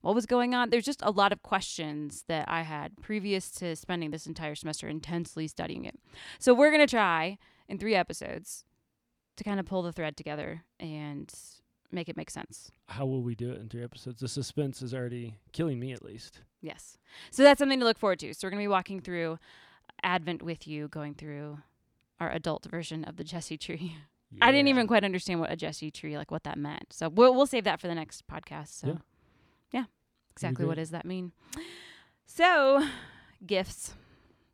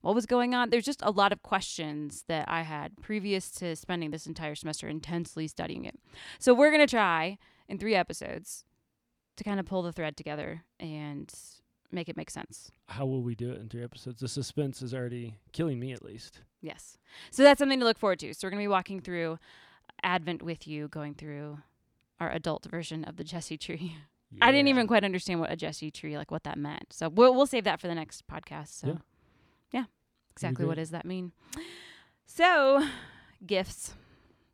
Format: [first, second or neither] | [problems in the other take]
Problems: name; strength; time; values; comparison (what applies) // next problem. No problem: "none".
neither | none